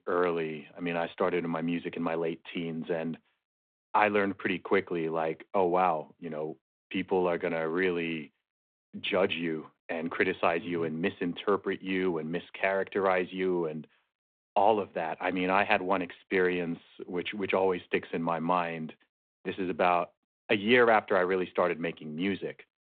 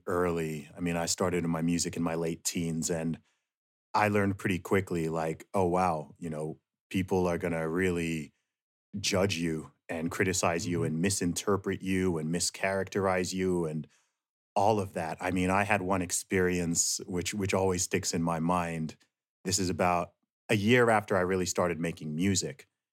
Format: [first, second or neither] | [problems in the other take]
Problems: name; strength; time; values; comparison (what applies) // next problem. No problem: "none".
second | phone-call audio